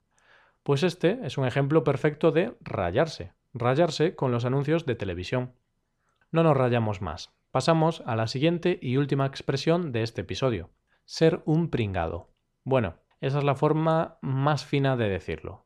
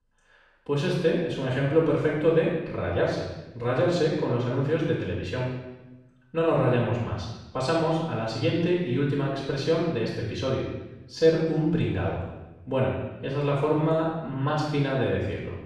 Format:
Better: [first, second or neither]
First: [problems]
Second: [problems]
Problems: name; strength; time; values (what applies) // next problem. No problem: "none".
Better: first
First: none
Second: off-mic speech; far // room echo; noticeable; dies away in 0.9 s